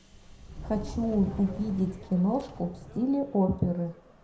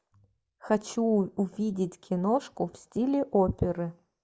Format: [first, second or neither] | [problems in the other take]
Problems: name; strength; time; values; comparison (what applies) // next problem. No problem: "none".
second | background sound (Subway, metro, underground); 13 dB below the speech // room echo; dies away in 0.4 s